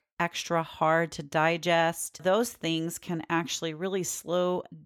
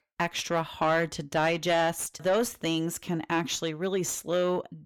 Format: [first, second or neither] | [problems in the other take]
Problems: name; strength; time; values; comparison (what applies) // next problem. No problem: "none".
first | distortion; slight; 10 dB below the speech